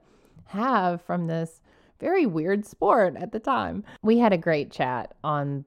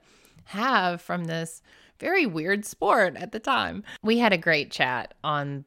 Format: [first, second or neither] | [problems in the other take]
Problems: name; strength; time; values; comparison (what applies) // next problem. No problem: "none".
second | muffled; slightly; fading above 1 kHz